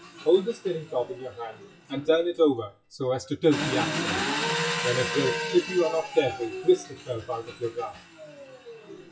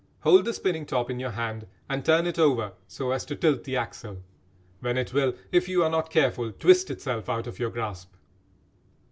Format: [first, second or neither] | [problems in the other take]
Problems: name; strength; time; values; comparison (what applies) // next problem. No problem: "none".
second | noise reduction (classical method WPE with log-MMSE)